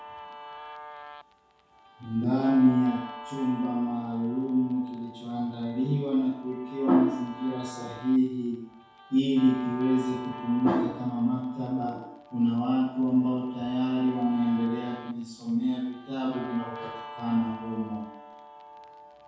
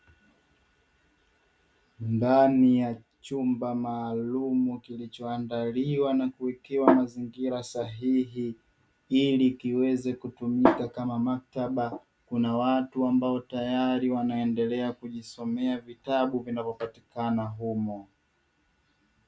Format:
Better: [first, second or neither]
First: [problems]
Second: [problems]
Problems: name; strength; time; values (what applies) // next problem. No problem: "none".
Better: second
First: background sound (Guitar); 16 dB below the speech // room echo; dies away in 0.6 s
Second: none